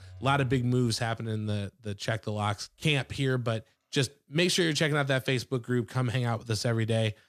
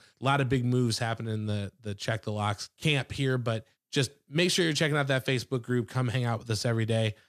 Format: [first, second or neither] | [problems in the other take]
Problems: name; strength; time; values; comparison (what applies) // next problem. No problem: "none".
second | alarms or sirens; faint; throughout; 25 dB below the speech